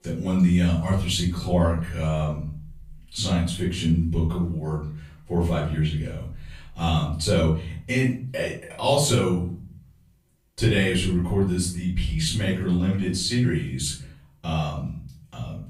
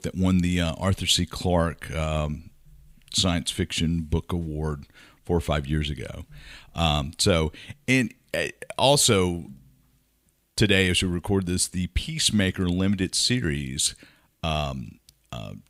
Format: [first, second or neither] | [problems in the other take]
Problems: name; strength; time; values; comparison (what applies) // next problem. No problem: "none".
second | off-mic speech; far // room echo; noticeable; dies away in 0.6 s